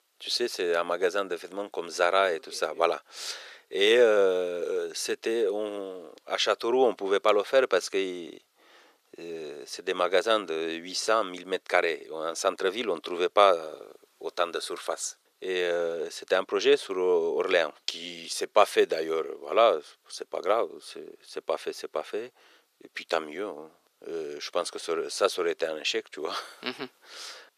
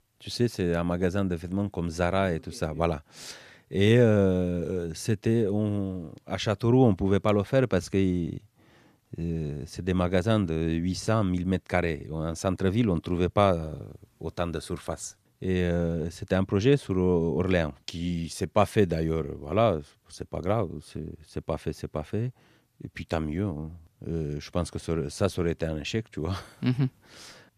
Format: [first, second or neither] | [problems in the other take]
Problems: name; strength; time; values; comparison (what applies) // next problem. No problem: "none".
second | thin; very; fading below 400 Hz